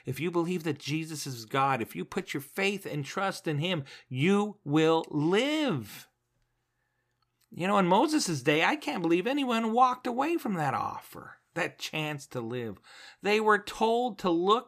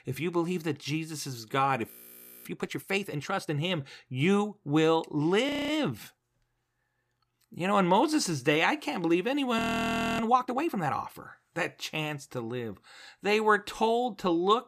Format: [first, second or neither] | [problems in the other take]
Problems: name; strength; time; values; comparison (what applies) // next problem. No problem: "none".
first | audio freezing; at 2 s for 0.5 s, at 5.5 s and at 9.5 s for 0.5 s